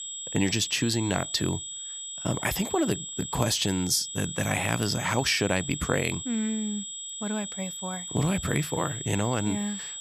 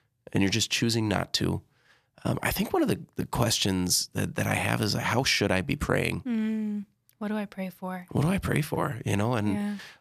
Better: second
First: high-pitched whine; loud; throughout; 8 kHz, 6 dB below the speech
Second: none

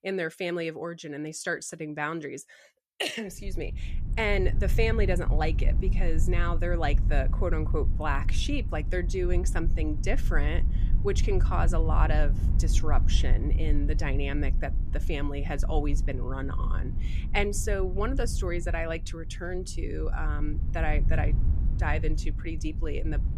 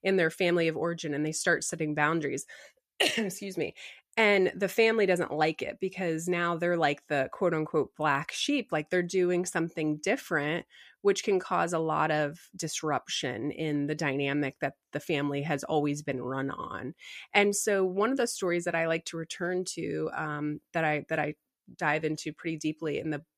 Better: second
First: low rumble; noticeable; from 3.5 s on; 15 dB below the speech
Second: none

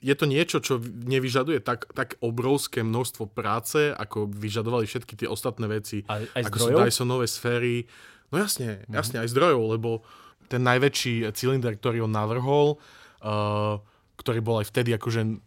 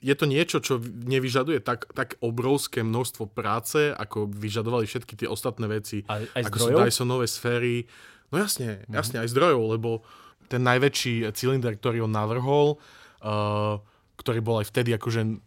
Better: neither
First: none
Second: none

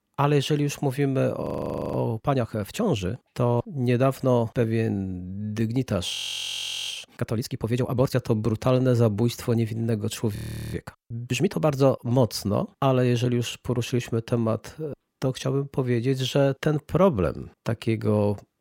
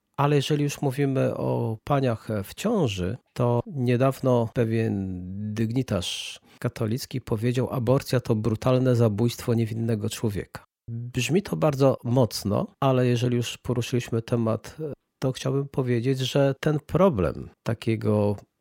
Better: second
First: audio freezing; at 1.5 s for 0.5 s, at 6 s for 1 s and at 10 s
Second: none

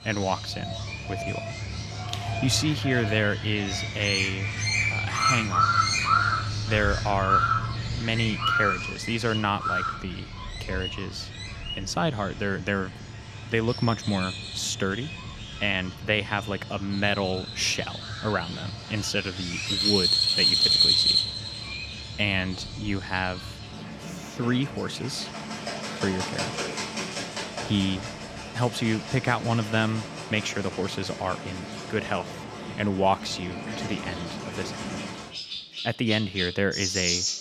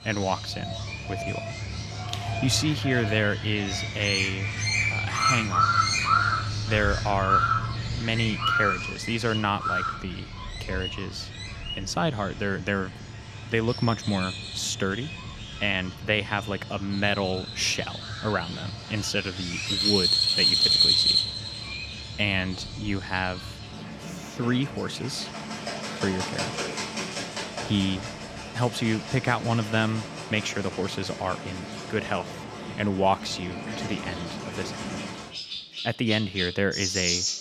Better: neither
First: animal sounds; very loud; throughout; 1 dB above the speech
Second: animal sounds; very loud; throughout; 1 dB above the speech

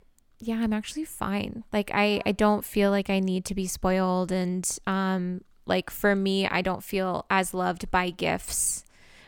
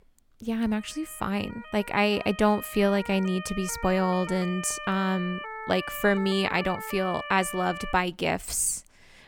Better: first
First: none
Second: siren; noticeable; from 0.5 to 8 s; peak 9 dB below the speech

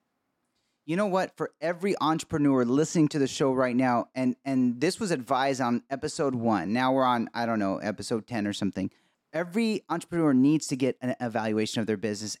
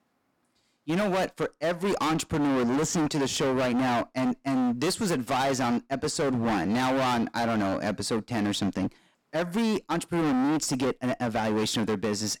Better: first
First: none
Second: distortion; heavy; 30% of the sound clipped

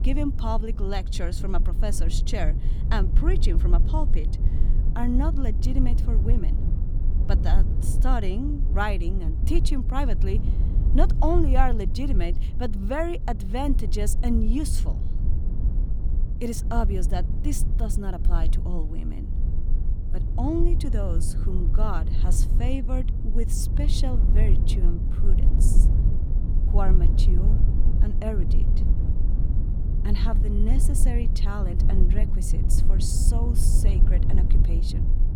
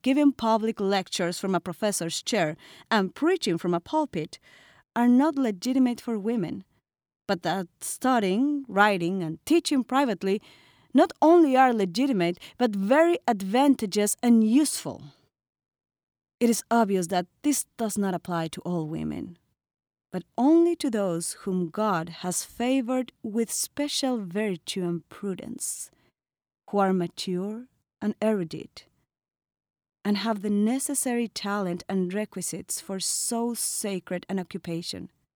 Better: second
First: low rumble; loud; throughout; 9 dB below the speech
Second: none

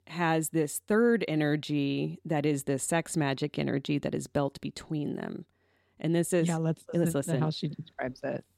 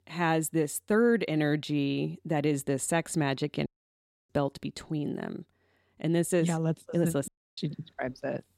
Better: first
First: none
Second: audio cutting out; at 3.5 s for 0.5 s and at 7.5 s

